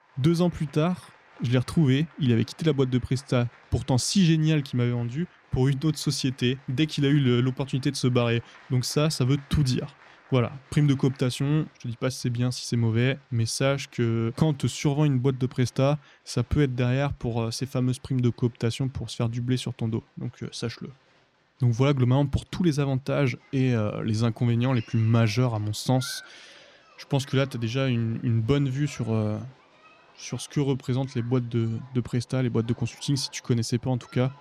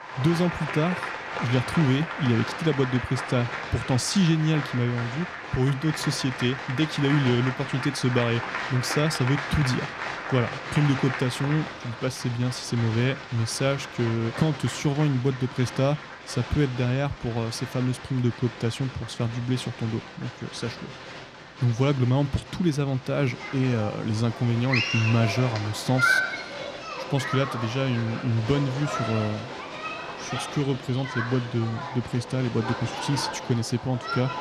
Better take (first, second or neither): first